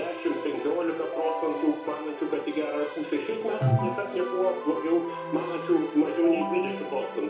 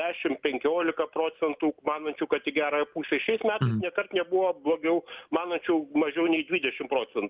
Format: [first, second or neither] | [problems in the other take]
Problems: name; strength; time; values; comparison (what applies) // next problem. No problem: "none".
second | background sound (Keyboard (musical)); 7 dB below the speech // room echo; dies away in 0.5 s